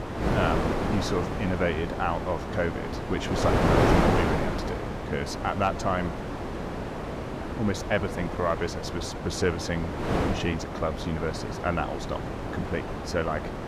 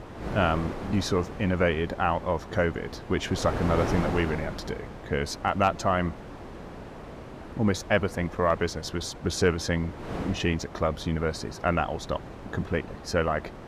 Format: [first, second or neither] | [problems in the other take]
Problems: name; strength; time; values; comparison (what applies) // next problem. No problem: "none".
second | wind noise on the microphone; heavy; 1 dB below the speech; occasional gusts in the second